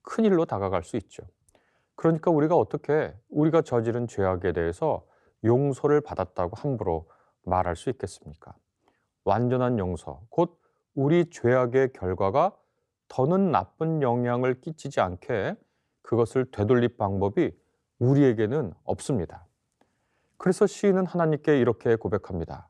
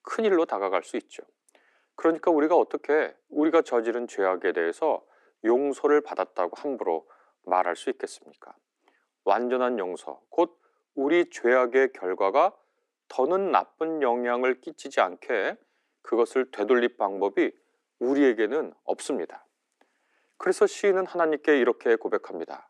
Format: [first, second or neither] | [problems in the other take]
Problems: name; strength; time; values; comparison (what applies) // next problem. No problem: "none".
first | thin; somewhat; fading below 250 Hz